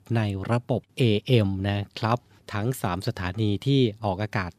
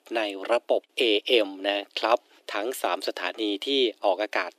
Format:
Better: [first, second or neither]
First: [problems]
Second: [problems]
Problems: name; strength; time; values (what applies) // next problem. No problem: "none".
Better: first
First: none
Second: thin; very; fading below 300 Hz